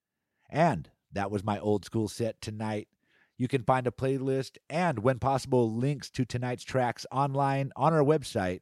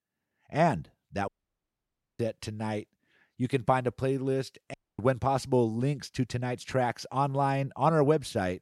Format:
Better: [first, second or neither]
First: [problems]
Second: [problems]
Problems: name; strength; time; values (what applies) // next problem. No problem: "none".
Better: first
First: none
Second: audio cutting out; at 1.5 s for 1 s and at 4.5 s